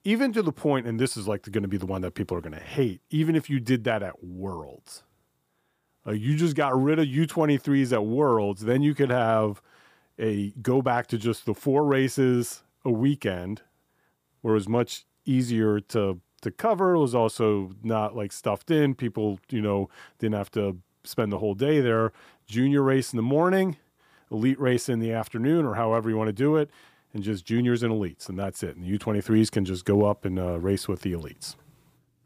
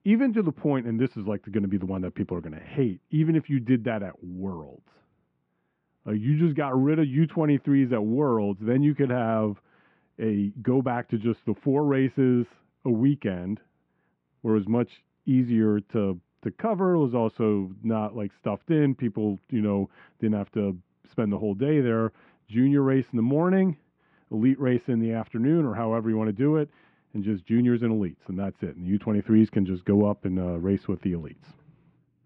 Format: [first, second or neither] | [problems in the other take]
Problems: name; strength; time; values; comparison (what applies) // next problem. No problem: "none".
first | muffled; very; fading above 2.5 kHz